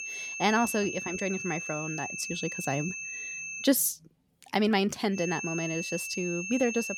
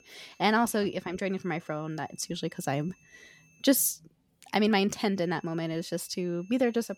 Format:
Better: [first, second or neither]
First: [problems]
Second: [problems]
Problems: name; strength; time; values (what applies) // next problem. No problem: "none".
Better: second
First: high-pitched whine; loud; until 3.5 s and from 5 s on; 2.5 kHz, 5 dB below the speech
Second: high-pitched whine; faint; until 3.5 s and from 5 s on; 2.5 kHz, 30 dB below the speech